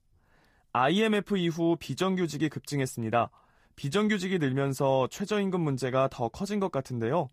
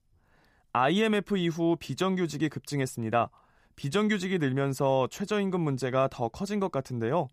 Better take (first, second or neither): second